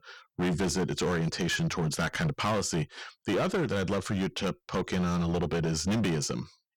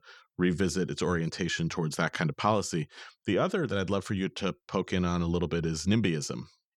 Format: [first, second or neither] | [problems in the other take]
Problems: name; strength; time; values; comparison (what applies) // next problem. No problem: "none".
second | distortion; heavy; 18% of the sound clipped